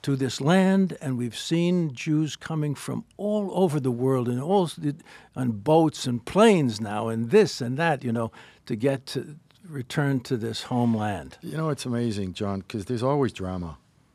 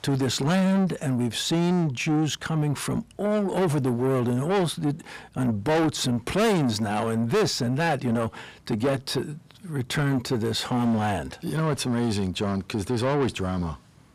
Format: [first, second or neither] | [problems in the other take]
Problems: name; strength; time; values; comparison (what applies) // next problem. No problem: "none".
first | distortion; heavy; 6 dB below the speech